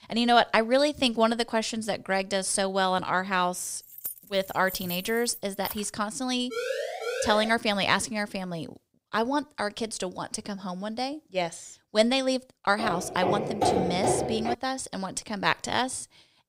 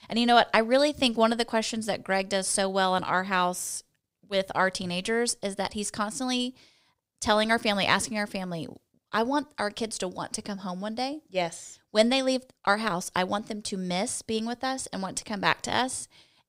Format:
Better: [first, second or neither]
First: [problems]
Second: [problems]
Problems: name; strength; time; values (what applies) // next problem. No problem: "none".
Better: second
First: jangling keys; noticeable; from 4 to 6 s; peak 9 dB below the speech // siren; noticeable; at 6.5 s; peak 3 dB below the speech // footsteps; loud; from 13 to 15 s; peak 2 dB above the speech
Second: none